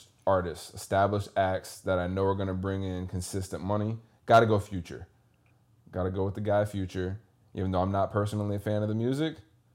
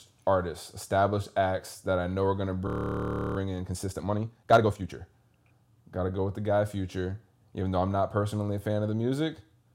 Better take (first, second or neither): first